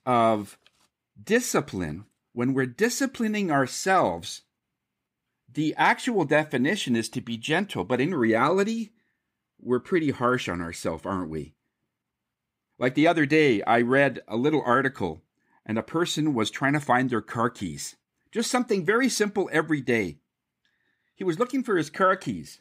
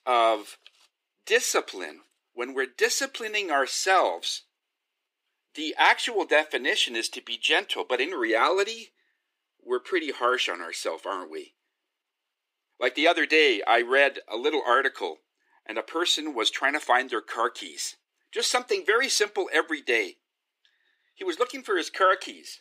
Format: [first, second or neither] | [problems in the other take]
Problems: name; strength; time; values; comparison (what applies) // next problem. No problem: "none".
first | thin; very; fading below 350 Hz